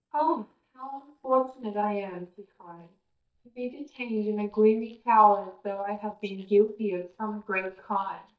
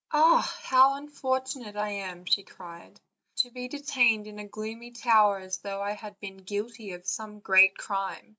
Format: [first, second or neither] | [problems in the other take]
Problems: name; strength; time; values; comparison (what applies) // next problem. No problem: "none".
second | noise reduction (neural mask model DeepFilterNet 3)